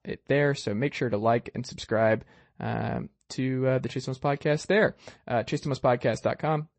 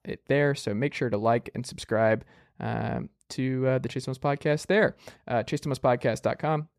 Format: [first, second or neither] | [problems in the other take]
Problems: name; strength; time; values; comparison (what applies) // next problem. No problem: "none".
second | garbled, watery; slightly; nothing above 8 kHz